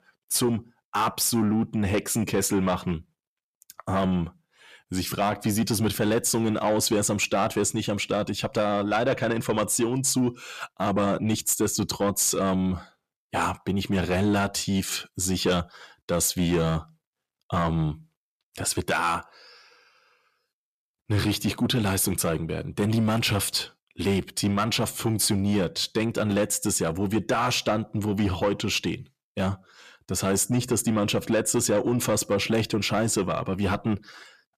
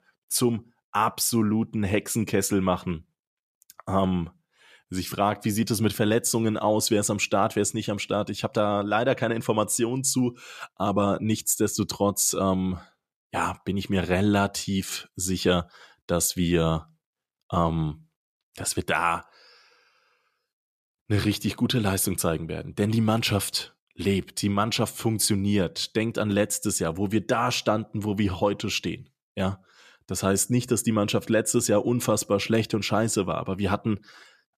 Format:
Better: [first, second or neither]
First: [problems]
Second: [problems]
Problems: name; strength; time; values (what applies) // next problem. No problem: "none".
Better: second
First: distortion; slight; 10 dB below the speech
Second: none